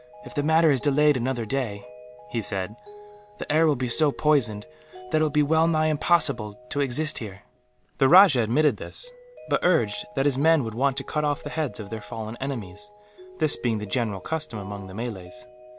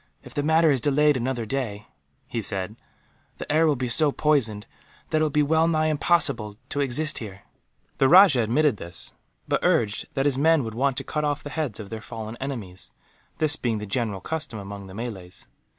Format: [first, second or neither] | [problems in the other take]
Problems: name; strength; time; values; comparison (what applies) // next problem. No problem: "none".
second | background sound (Mallet percussion); 19 dB below the speech